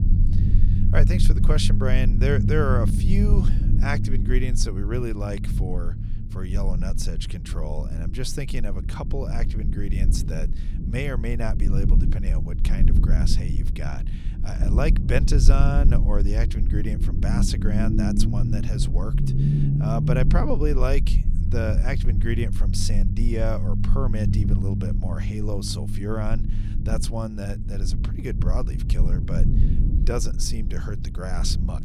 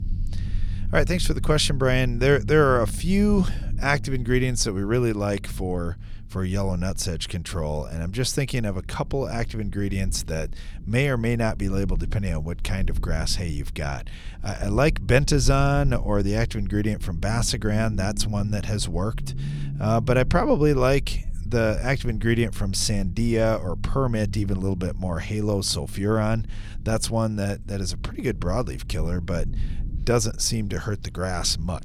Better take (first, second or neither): second